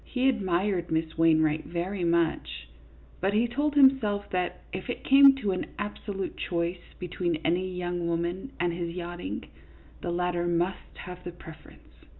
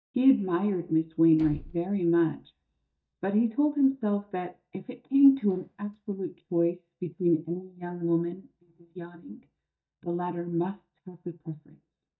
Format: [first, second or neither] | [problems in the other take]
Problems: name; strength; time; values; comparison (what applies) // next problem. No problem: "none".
first | noise reduction (neural mask model DeepFilterNet 3)